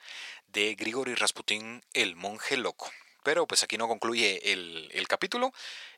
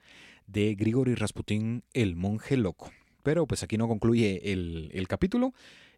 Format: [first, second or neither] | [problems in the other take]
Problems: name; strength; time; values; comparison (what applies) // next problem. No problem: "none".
second | thin; very; fading below 850 Hz